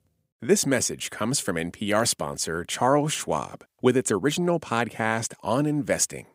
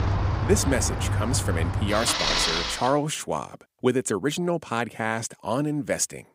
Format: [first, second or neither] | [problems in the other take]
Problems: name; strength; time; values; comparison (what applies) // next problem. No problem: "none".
first | traffic noise; very loud; until 2.5 s; 1 dB above the speech